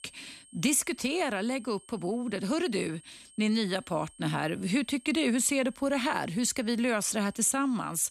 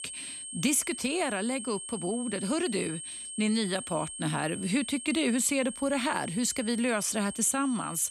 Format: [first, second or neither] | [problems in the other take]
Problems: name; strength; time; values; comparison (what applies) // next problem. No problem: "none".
first | high-pitched whine; loud; throughout; 8.5 kHz, 9 dB below the speech; faint in the first